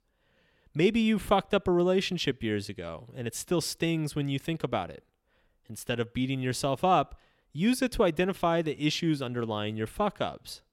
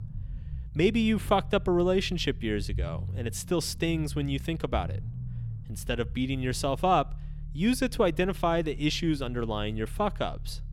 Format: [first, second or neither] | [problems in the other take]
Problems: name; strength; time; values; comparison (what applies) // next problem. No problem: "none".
first | low rumble; faint; throughout; 25 dB below the speech